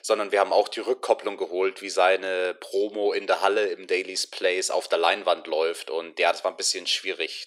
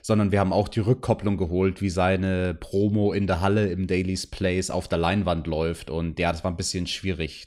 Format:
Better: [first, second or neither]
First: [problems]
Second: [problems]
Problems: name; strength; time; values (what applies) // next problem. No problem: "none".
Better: second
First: thin; very; fading below 400 Hz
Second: none